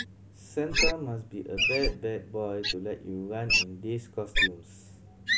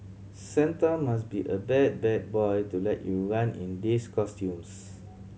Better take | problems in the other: second | background sound (Wild animals); 3 dB above the speech

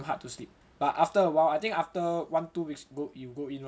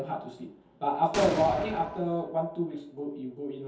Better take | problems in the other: first | background sound (Explosion); 8 dB below the speech // room echo; dies away in 0.5 s

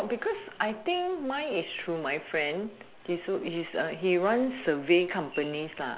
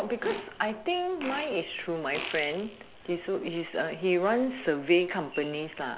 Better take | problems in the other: first | background sound (Fart); 13 dB below the speech

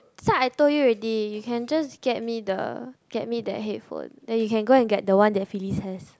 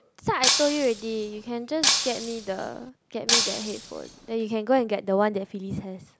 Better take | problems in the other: first | background sound (Shatter); 1 dB above the speech

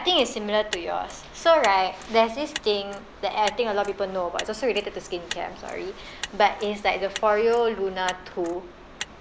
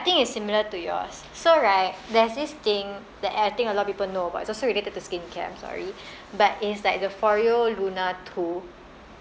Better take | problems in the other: second | background sound (Motor vehicle (road)); 16 dB below the speech

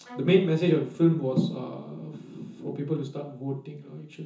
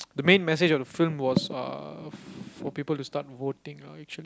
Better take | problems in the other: second | background sound (Bowed string instrument); 20 dB below the speech // room echo; dies away in 0.6 s

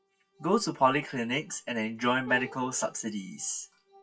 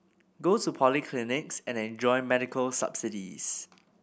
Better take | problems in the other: second | noise reduction (classical method WPE with log-MMSE)

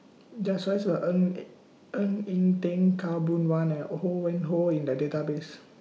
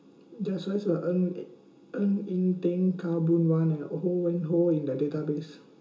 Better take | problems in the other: first | room echo; dies away in 0.2 s

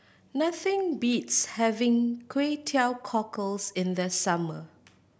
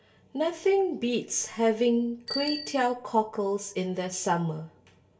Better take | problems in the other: first | background sound (Bicycle bell); 14 dB below the speech // room echo; dies away in 0.2 s

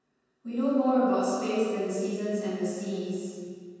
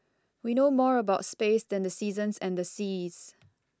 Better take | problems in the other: second | room echo; dies away in 2.1 s

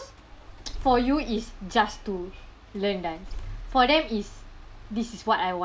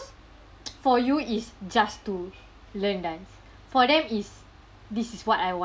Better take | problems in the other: second | background sound (Engine starting / Car); 12 dB below the speech

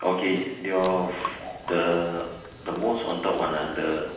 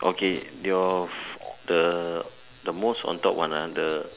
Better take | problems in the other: second | background sound (Chewing, mastication); 15 dB below the speech // room echo; dies away in 0.9 s

